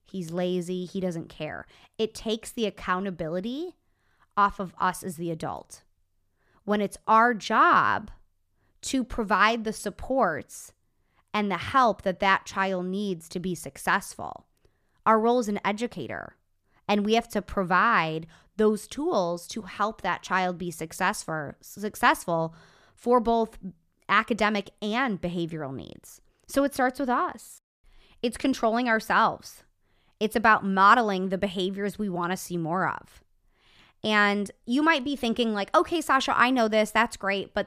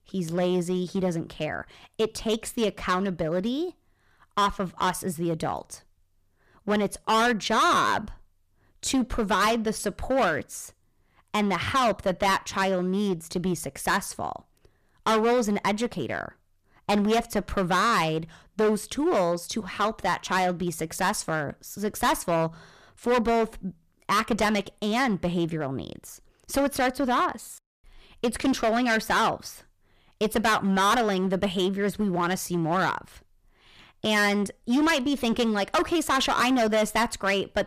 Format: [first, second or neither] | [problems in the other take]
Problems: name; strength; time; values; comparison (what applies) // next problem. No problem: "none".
first | distortion; heavy; 10% of the sound clipped